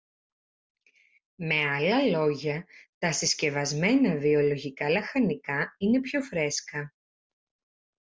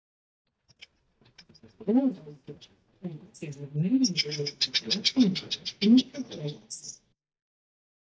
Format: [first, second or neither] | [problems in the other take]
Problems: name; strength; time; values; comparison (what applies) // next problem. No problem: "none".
first | noise reduction (neural mask model DeepFilterNet 3)